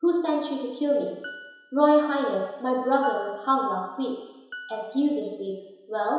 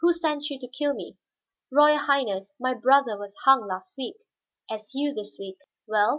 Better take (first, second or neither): second